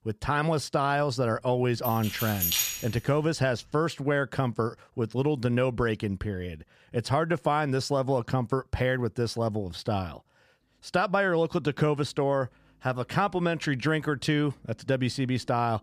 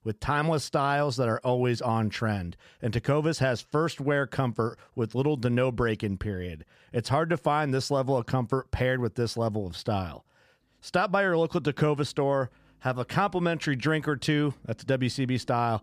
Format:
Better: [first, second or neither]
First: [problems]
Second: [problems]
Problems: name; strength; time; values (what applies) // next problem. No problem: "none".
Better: second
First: jangling keys; loud; at 2 s; peak 3 dB above the speech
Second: none